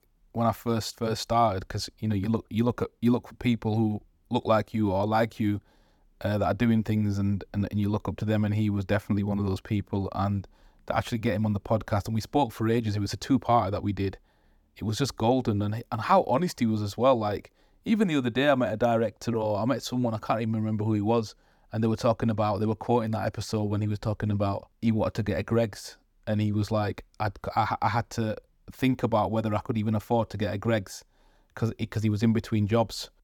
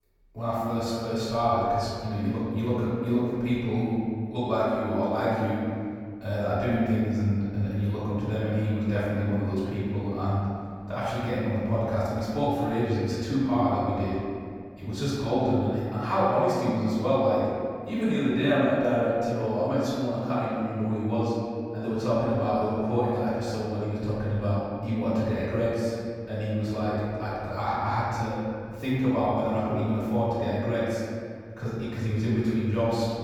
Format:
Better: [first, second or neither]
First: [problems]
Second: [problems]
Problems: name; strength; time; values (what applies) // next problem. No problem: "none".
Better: first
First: none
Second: off-mic speech; far // room echo; strong; dies away in 2 s